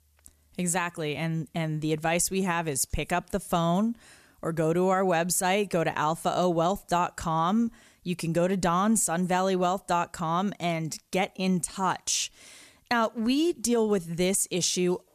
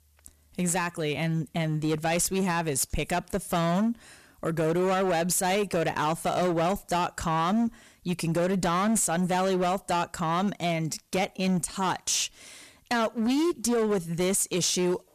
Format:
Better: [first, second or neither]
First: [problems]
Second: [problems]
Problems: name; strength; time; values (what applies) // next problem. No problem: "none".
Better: first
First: none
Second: distortion; slight; 15% of the sound clipped